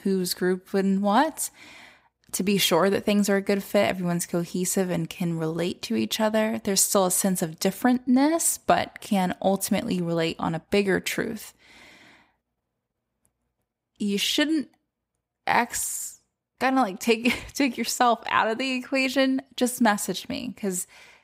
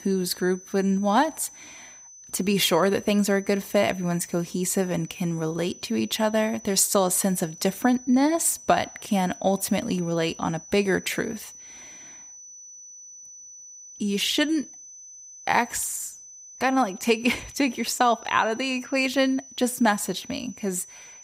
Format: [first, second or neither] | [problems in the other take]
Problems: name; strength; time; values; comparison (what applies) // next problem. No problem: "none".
first | high-pitched whine; noticeable; throughout; 6 kHz, 20 dB below the speech